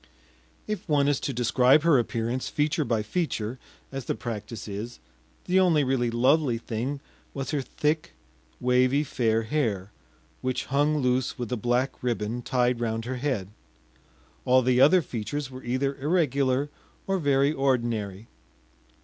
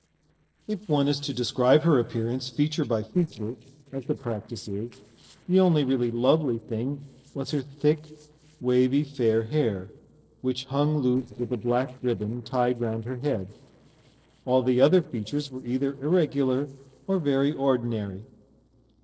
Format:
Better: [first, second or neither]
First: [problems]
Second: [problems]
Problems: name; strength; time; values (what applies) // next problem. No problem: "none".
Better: first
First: none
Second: noise reduction (neural separator model SepFormer DNS4)